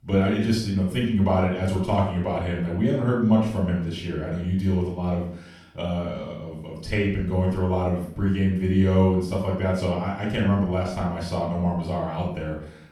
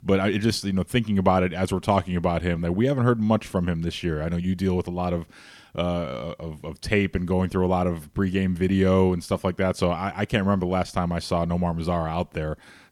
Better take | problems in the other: second | off-mic speech; far // room echo; noticeable; dies away in 0.5 s

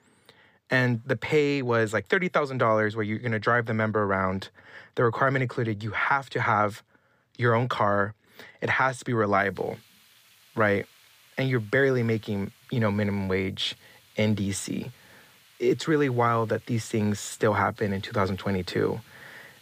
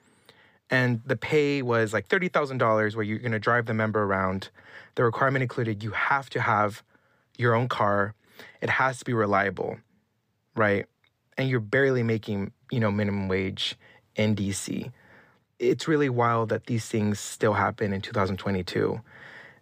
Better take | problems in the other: second | hiss; faint; from 9.5 s on; 30 dB below the speech

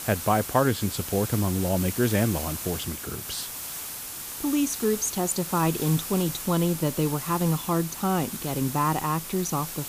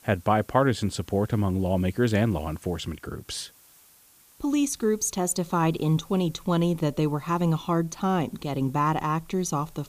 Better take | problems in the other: second | hiss; loud; throughout; 7 dB below the speech; faint in the second

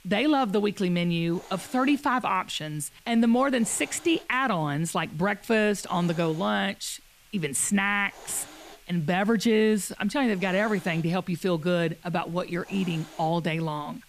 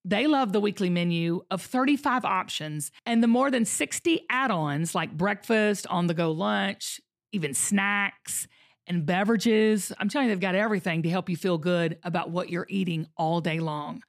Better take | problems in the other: second | hiss; faint; throughout; 25 dB below the speech

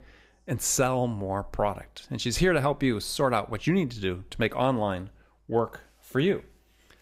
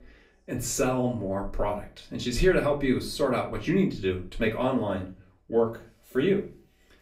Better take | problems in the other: first | off-mic speech; far // room echo; very slight; dies away in 0.3 s

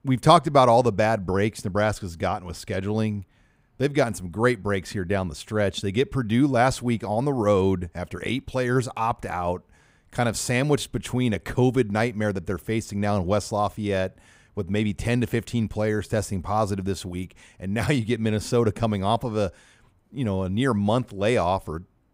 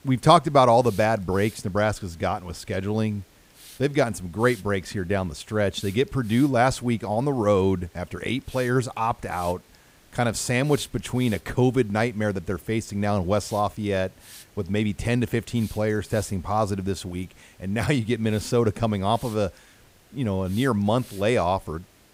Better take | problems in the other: first | hiss; faint; throughout; 25 dB below the speech

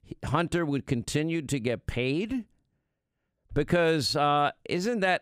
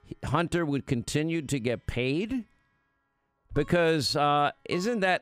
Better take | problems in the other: first | background music; faint; throughout; 25 dB below the speech

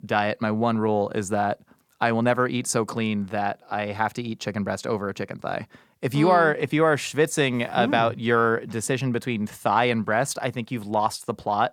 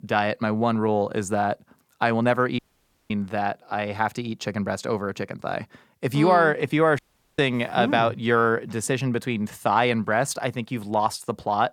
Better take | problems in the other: first | audio cutting out; at 2.5 s for 0.5 s and at 7 s

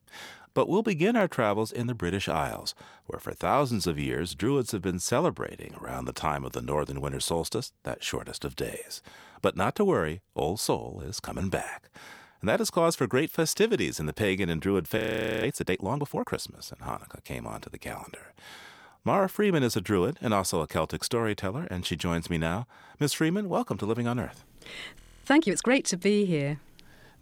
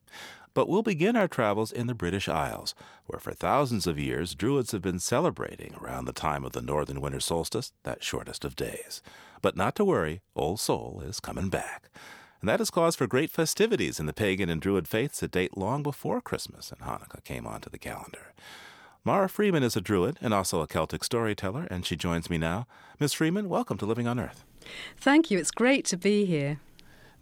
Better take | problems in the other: second | audio freezing; at 15 s and at 25 s

